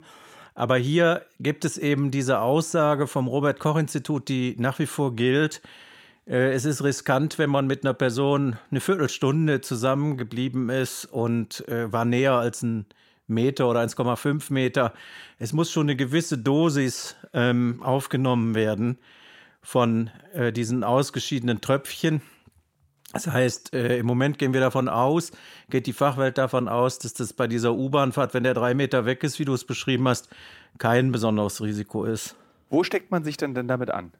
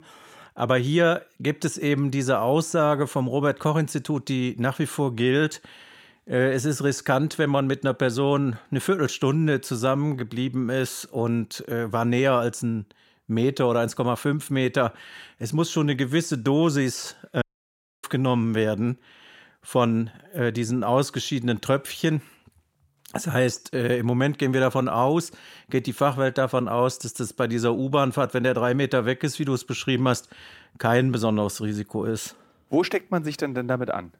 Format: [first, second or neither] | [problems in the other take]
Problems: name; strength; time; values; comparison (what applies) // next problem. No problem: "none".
first | audio cutting out; at 17 s for 0.5 s